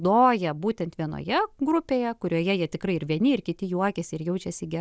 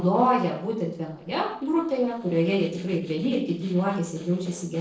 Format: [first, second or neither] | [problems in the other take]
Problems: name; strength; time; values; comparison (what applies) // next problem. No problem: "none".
first | noise reduction (neural separator model SepFormer DNS4)